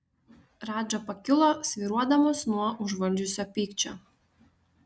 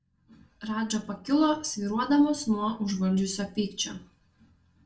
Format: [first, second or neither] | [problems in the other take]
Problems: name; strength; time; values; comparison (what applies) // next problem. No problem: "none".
first | room echo; dies away in 0.3 s